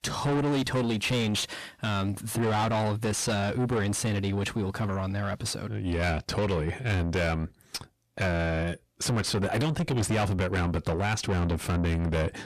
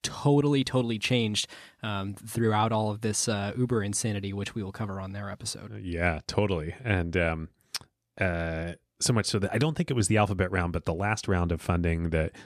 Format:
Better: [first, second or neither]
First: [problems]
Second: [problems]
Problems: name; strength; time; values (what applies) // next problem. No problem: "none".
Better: second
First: distortion; heavy; 6 dB below the speech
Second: none